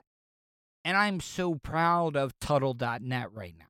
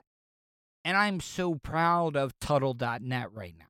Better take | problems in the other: neither | none

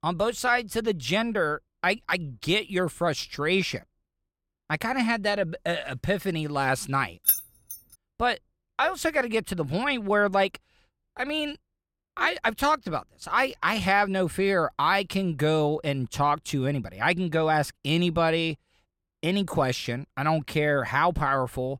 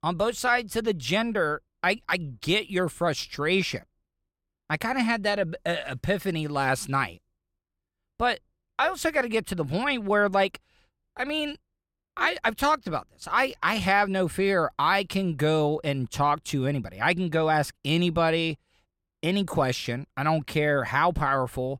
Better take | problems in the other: second | jangling keys; loud; at 7.5 s; peak 3 dB above the speech

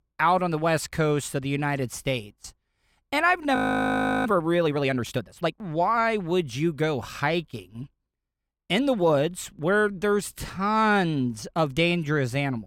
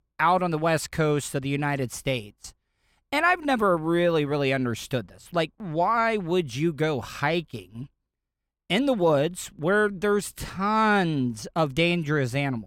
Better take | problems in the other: second | audio freezing; at 3.5 s for 0.5 s

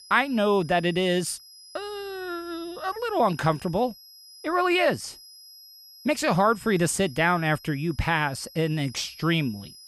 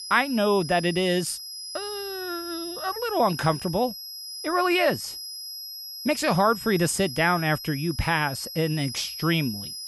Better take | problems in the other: first | high-pitched whine; loud; throughout; 5 kHz, 9 dB below the speech; faint in the first

